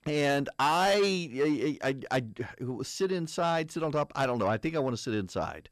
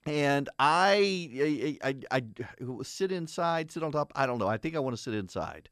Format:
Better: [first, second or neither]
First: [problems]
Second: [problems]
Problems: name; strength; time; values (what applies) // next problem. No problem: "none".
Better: second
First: distortion; slight; 10 dB below the speech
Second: none